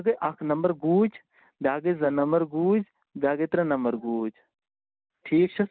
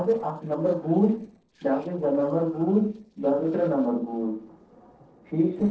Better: first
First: none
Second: noise reduction (neural separator model SepFormer DNS4)

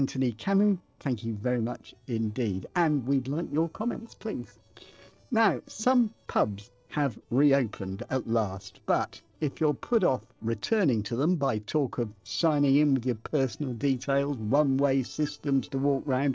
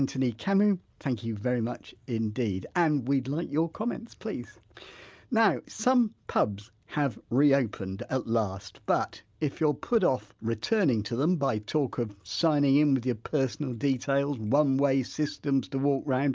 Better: second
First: noise reduction (neural separator model SepFormer DNS4)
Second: none

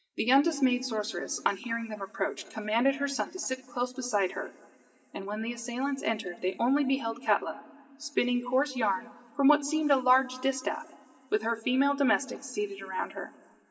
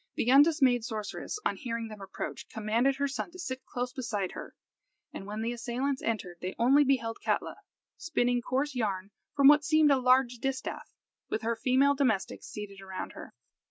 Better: second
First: room echo; dies away in 2.8 s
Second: none

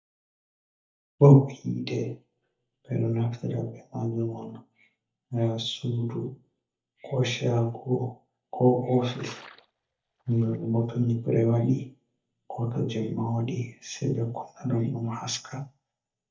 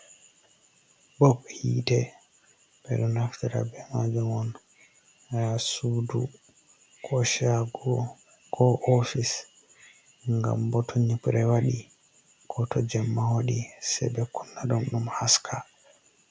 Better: second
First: noise reduction (neural mask model DeepFilterNet 3)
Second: none

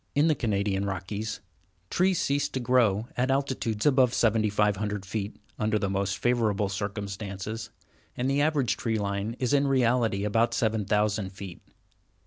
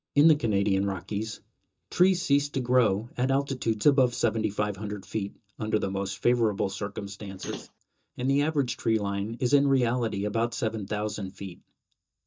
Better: first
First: none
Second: noise reduction (neural mask model DeepFilterNet 3)

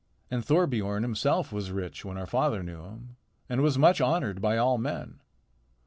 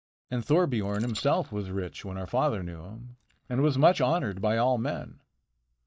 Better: first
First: none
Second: noise reduction (neural mask model DeepFilterNet 3)

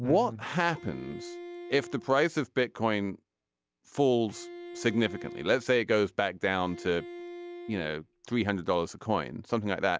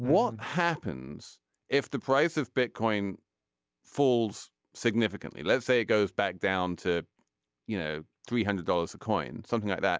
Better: second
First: background sound (Bowed string instrument); 15 dB below the speech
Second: none

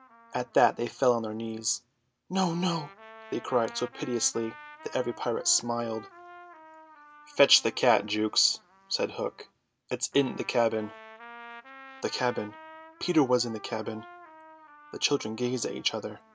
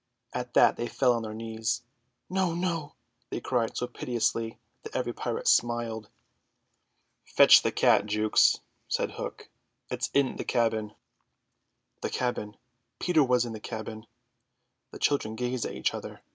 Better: second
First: background sound (Trumpet); 20 dB below the speech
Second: none

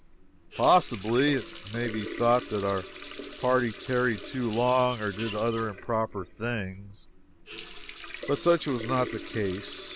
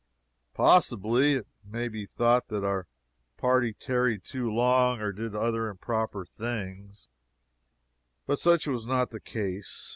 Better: second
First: background sound (Water tap, faucet); 13 dB below the speech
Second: none

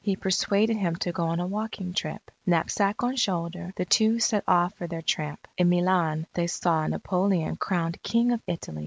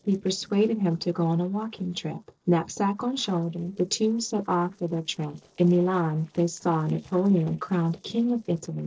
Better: first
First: none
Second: noise reduction (neural separator model SepFormer DNS4)

